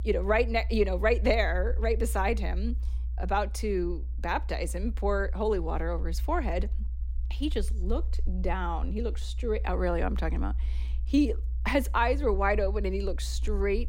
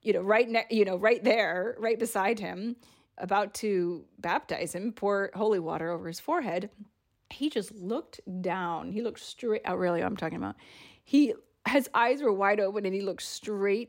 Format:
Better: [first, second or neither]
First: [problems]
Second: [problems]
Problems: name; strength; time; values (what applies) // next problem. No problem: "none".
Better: second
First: low rumble; faint; throughout; 25 dB below the speech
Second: none